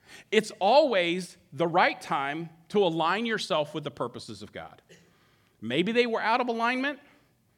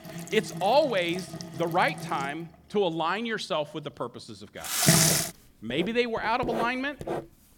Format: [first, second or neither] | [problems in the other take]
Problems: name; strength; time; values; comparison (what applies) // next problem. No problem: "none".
first | household noises; very loud; throughout; as loud as the speech